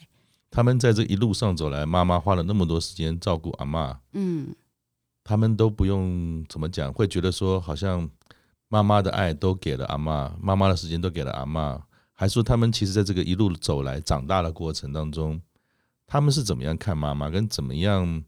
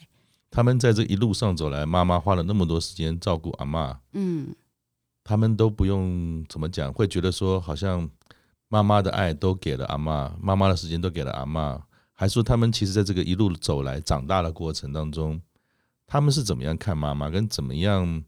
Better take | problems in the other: neither | none

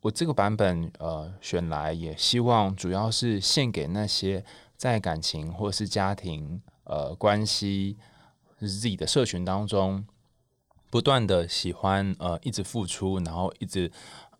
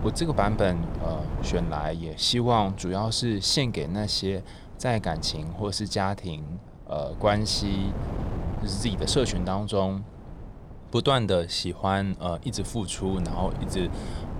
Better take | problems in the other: first | wind noise on the microphone; occasional gusts; 15 dB below the speech

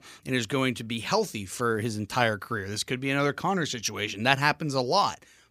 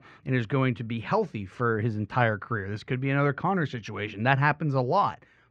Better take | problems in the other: first | muffled; very; fading above 1.5 kHz

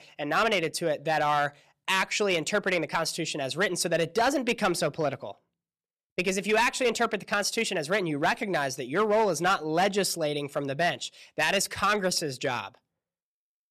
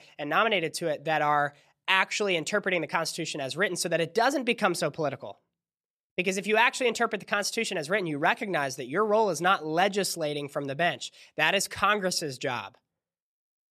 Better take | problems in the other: second | distortion; slight; 4% of the sound clipped

